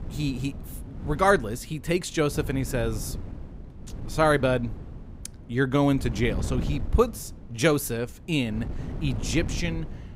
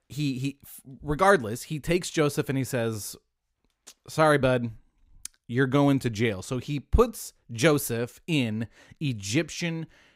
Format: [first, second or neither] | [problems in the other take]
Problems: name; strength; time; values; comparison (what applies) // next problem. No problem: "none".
second | wind noise on the microphone; occasional gusts; 20 dB below the speech